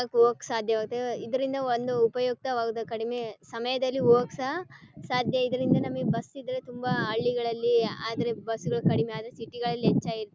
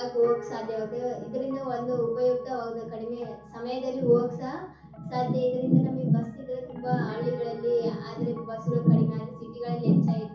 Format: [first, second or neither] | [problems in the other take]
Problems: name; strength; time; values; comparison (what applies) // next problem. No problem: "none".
first | background sound (Piano); 19 dB below the speech // room echo; dies away in 0.6 s